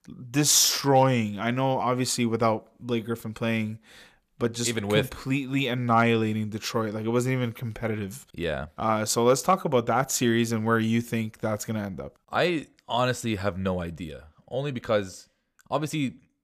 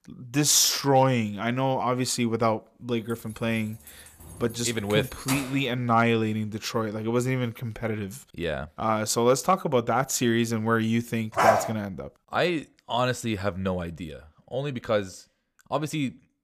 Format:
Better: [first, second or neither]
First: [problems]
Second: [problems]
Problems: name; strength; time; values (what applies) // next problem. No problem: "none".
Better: first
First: none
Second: jangling keys; noticeable; from 3.5 to 5.5 s; peak 6 dB below the speech // dog barking; loud; at 11 s; peak 5 dB above the speech